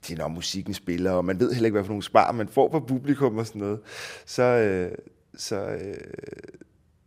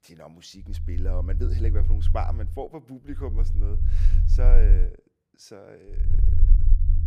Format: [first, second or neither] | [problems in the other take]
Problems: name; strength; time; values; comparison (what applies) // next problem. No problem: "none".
first | low rumble; loud; from 0.5 to 2.5 s, from 3 to 5 s and from 6 s on; 6 dB below the speech